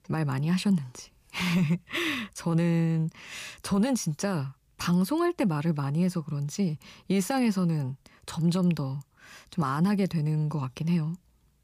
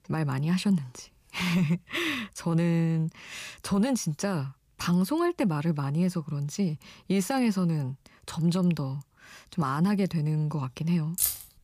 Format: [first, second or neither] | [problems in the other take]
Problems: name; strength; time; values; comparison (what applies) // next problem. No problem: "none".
first | jangling keys; loud; at 11 s; peak 1 dB above the speech